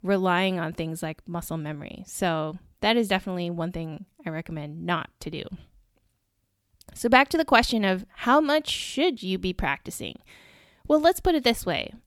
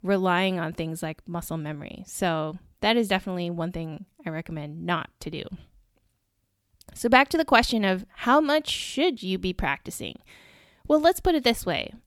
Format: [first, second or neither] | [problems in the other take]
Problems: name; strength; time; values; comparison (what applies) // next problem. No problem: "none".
neither | none